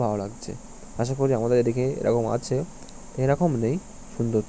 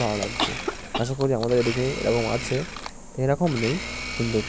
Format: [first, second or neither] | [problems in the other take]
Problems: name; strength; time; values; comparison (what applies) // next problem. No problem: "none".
first | background sound (Domestic sounds, home sounds + Chewing, mastication / Cough); 7 dB below the speech